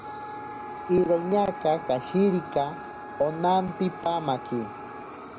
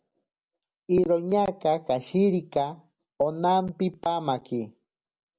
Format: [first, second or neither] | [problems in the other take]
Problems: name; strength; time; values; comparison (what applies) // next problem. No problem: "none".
second | background sound (Fire + Wind instrument, woodwind instrument); 11 dB below the speech